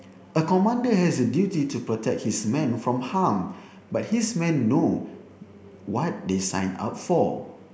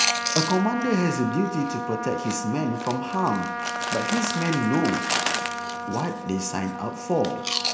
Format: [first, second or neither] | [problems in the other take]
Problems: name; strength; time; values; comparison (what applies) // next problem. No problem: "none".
first | background sound (Trumpet + Chewing, mastication); 2 dB below the speech